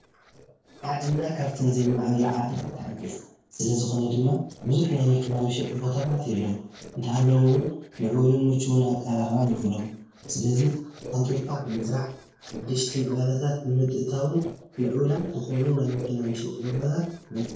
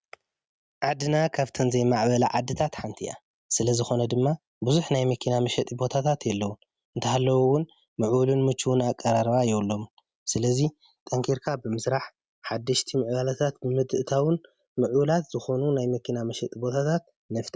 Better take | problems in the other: second | noise reduction (neural separator model SepFormer DNS4)

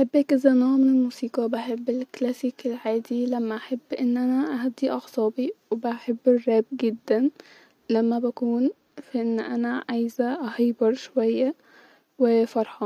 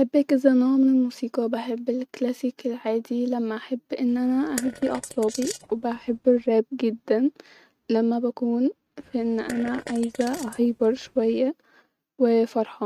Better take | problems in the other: first | noise reduction (neural mask model RNNoise)

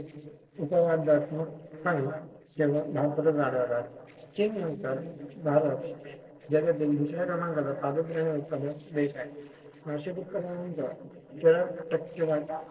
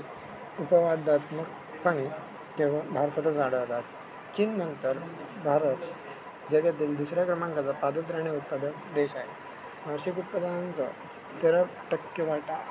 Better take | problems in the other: second | noise reduction (neural separator model SepFormer DNS4)

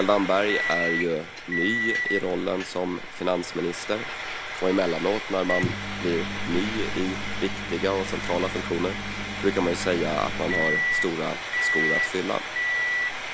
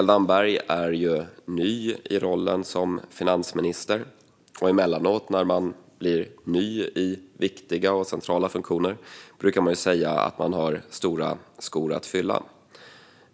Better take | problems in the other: second | background sound (Microwave oven + Frying (food)); 1 dB below the speech

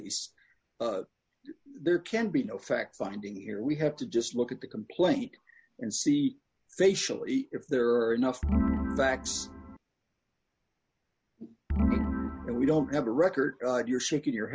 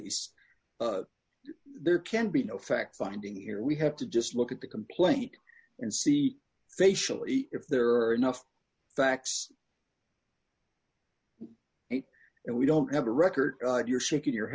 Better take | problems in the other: second | background sound (Organ); as loud as the speech

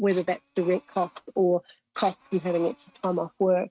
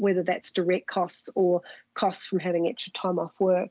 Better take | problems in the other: second | noise reduction (neural mask model RNNoise)

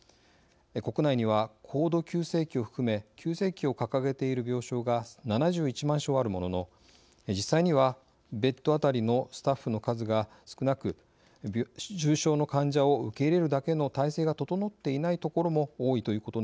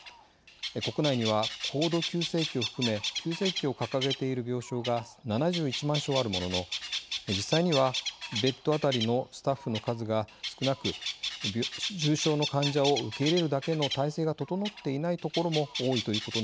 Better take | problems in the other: first | background sound (Bird); 7 dB below the speech

